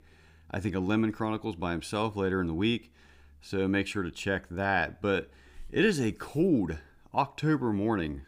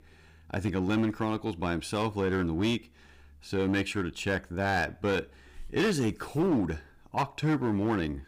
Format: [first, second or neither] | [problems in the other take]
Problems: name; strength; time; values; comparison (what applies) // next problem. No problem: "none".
first | distortion; slight; 7% of the sound clipped